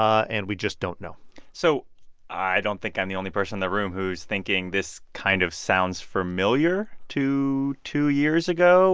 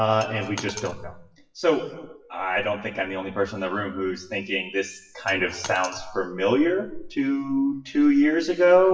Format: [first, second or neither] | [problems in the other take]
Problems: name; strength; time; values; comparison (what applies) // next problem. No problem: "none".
first | noise reduction (classical method WPE with log-MMSE)